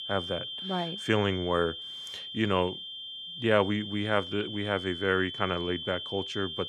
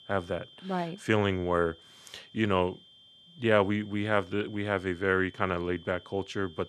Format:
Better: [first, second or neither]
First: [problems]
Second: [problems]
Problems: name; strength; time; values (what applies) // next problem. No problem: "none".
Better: second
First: high-pitched whine; loud; throughout; 3 kHz, 7 dB below the speech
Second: high-pitched whine; faint; throughout; 3 kHz, 25 dB below the speech